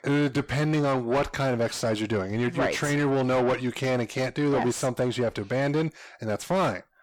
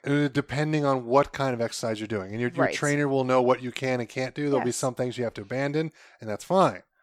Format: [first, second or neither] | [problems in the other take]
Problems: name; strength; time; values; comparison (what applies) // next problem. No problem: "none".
second | distortion; heavy; 7 dB below the speech